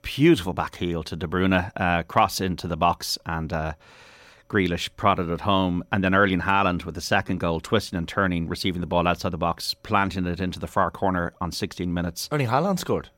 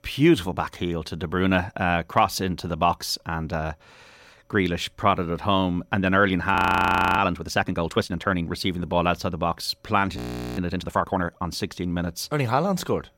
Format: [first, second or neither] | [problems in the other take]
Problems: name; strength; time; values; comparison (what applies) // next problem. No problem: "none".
first | audio freezing; at 6.5 s for 0.5 s and at 10 s